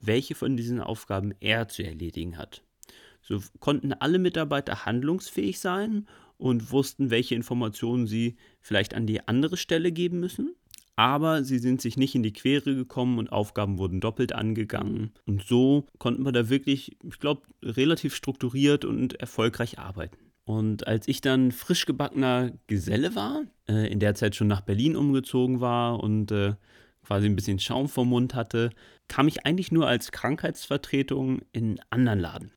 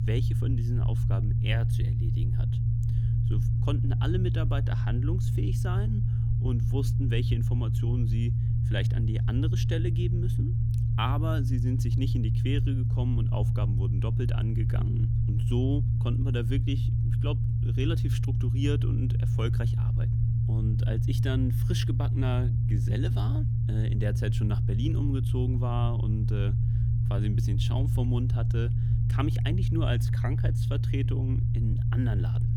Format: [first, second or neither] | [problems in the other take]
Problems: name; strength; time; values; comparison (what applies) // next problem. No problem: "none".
first | low rumble; loud; throughout; 1 dB below the speech